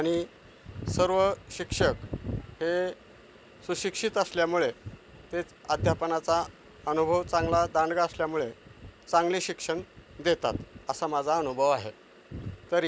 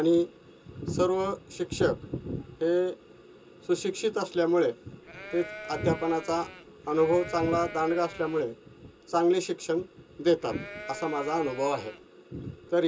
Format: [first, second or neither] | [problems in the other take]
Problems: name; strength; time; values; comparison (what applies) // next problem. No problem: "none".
first | background sound (Livestock, farm animals, working animals); 14 dB below the speech // room echo; dies away in 0.2 s